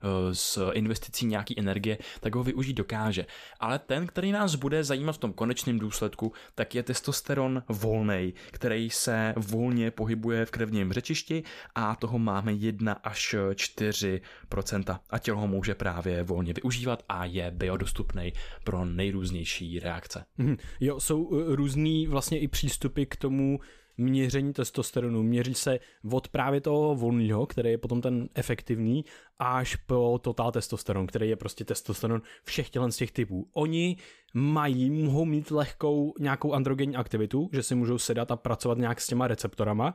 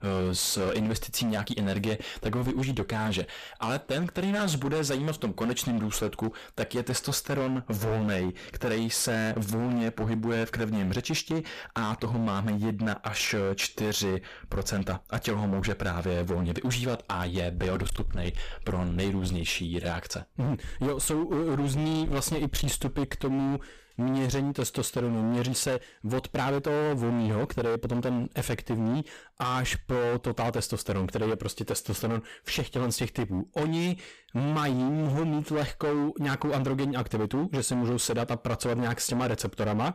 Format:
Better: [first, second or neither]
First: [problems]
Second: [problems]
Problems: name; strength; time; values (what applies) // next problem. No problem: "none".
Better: first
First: none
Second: distortion; heavy; 24% of the sound clipped